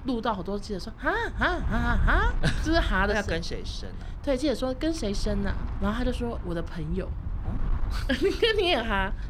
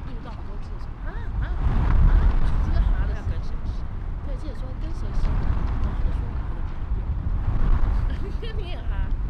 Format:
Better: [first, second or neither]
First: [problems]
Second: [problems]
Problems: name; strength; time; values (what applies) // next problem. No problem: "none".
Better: first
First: wind noise on the microphone; occasional gusts; 20 dB below the speech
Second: wind noise on the microphone; heavy; 5 dB above the speech